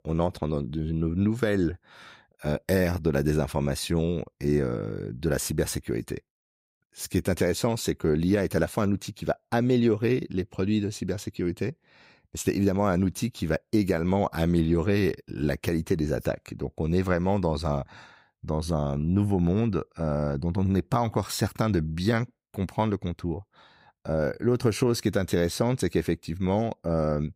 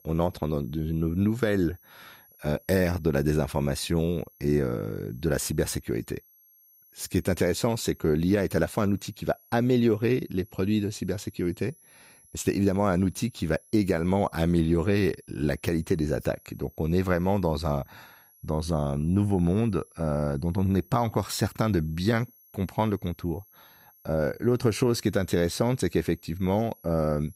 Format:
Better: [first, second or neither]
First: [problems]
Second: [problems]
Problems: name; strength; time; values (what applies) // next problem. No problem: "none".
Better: first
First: none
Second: high-pitched whine; faint; throughout; 11 kHz, 30 dB below the speech